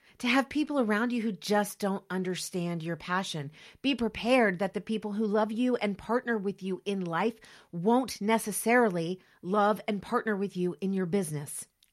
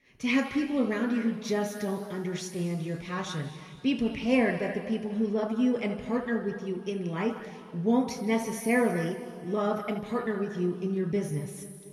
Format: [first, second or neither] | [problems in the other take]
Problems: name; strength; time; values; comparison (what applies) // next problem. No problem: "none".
first | room echo; noticeable; dies away in 2 s // off-mic speech; somewhat distant